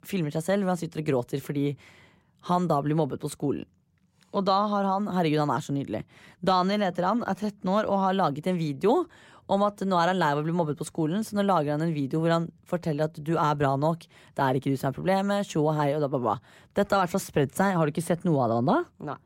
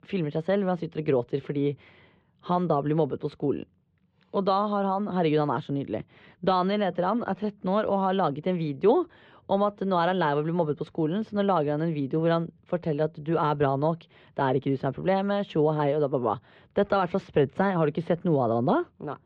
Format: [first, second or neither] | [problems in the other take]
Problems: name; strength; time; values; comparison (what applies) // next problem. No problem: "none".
first | muffled; slightly; fading above 3.5 kHz